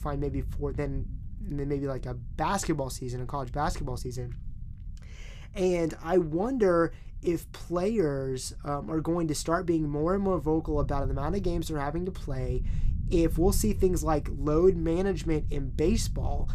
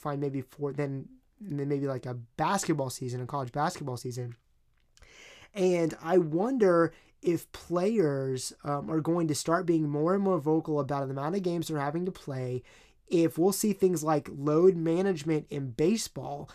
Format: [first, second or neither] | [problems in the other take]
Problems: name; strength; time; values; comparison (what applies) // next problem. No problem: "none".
second | low rumble; faint; throughout; 25 dB below the speech